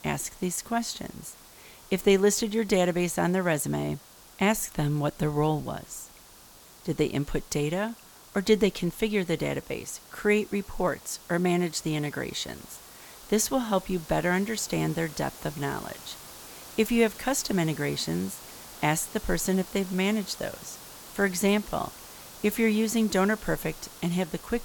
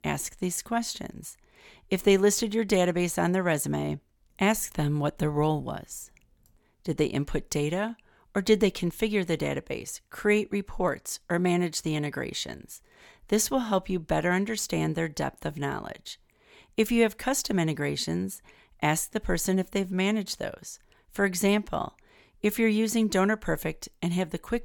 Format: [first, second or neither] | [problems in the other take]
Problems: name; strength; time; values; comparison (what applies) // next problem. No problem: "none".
second | hiss; noticeable; throughout; 20 dB below the speech